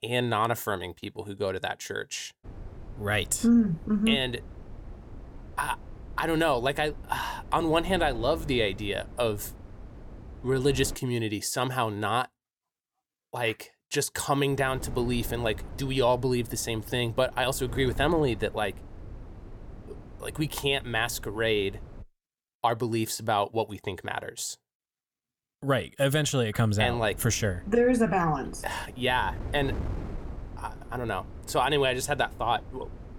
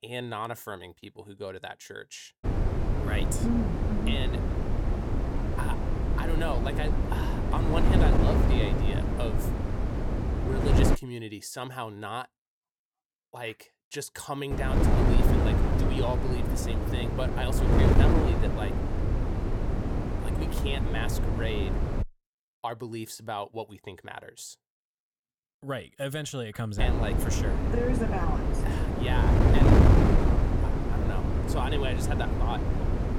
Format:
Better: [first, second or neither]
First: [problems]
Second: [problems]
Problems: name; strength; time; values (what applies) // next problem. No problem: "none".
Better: first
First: wind noise on the microphone; occasional gusts; from 2.5 to 11 s, from 15 to 22 s and from 27 s on; 20 dB below the speech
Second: wind noise on the microphone; heavy; from 2.5 to 11 s, from 15 to 22 s and from 27 s on; 2 dB above the speech